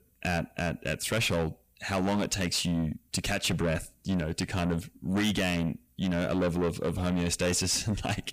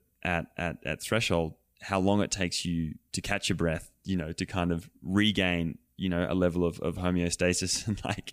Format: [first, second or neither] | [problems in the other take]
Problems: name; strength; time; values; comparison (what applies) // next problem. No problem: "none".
second | distortion; heavy; 6 dB below the speech